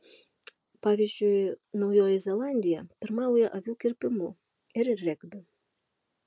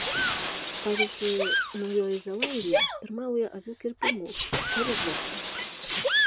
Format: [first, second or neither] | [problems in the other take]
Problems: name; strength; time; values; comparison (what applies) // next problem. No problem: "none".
first | background sound (Shatter + Sneeze); 3 dB above the speech